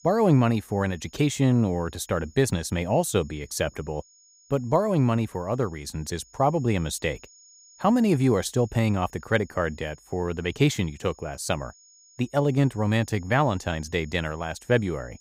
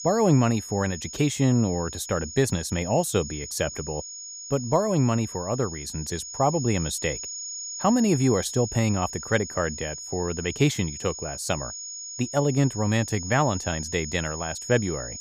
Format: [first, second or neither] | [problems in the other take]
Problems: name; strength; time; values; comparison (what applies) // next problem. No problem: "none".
first | high-pitched whine; loud; throughout; 6.5 kHz, 9 dB below the speech; faint in the first